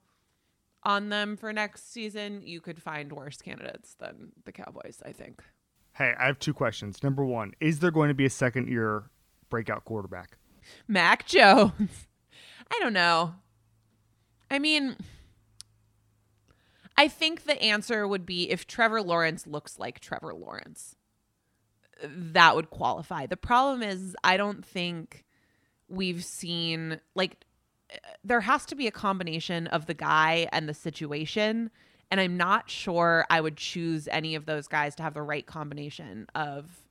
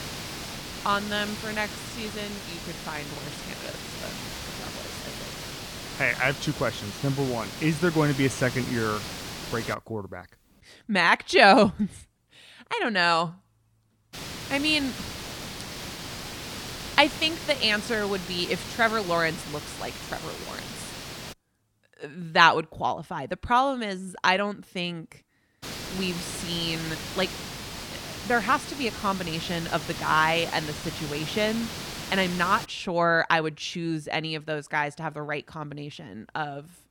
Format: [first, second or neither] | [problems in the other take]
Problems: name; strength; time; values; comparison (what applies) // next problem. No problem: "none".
first | hiss; loud; until 9.5 s, from 14 to 21 s and from 26 to 33 s; 10 dB below the speech